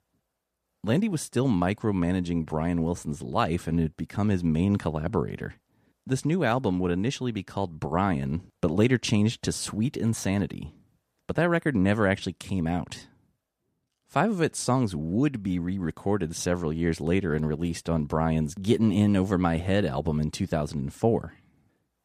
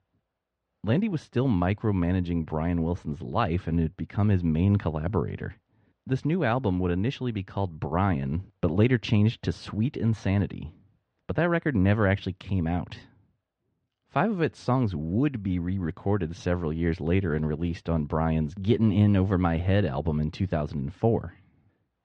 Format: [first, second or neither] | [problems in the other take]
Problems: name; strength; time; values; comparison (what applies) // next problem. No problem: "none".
first | muffled; slightly; fading above 3.5 kHz